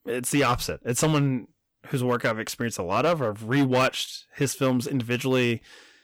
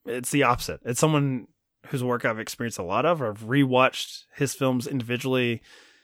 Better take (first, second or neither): second